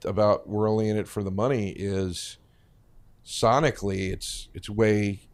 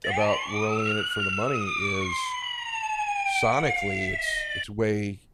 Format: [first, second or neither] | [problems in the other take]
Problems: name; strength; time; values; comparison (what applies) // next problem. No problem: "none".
first | siren; loud; until 4.5 s; peak 5 dB above the speech